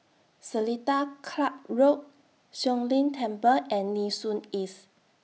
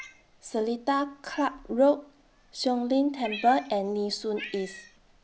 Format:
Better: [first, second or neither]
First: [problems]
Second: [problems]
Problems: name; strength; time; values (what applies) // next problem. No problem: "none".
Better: first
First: none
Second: background sound (Cat); 18 dB below the speech